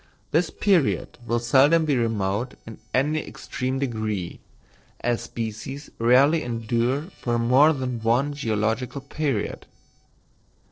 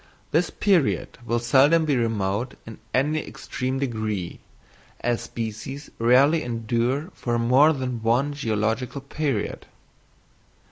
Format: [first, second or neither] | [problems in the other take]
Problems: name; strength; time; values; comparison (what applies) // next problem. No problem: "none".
second | noise reduction (neural separator model SepFormer DNS4)